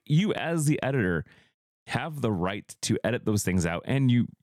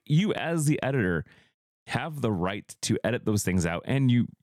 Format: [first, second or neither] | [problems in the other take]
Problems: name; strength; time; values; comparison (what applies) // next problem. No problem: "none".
neither | none